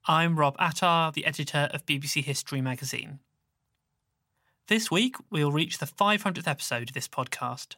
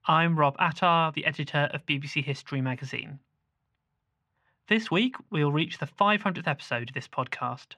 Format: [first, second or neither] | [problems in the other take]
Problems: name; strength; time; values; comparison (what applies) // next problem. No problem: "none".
first | muffled; slightly; fading above 2.5 kHz